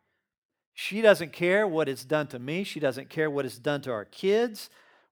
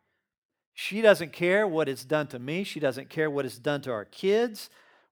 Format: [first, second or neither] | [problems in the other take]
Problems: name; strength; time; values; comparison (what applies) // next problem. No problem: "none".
neither | none